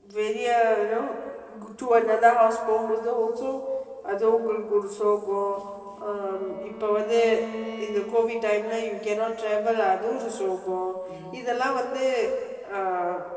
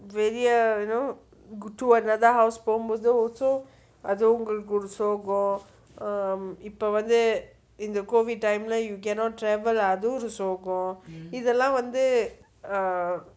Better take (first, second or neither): second